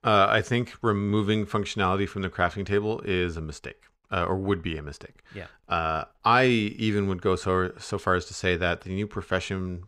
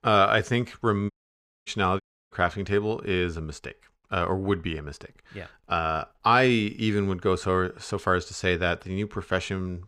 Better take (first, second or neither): first